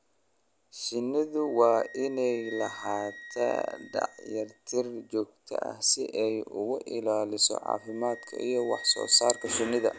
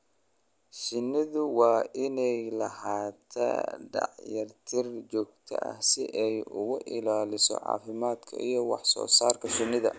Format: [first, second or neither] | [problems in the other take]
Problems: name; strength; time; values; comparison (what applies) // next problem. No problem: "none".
second | background sound (Wind instrument, woodwind instrument); 20 dB below the speech